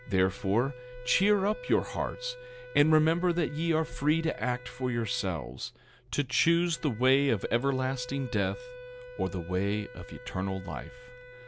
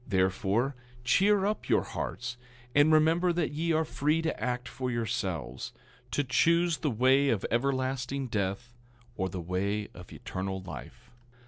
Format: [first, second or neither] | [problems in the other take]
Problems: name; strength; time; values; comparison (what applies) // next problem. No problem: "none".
second | background sound (Wind instrument, woodwind instrument); 17 dB below the speech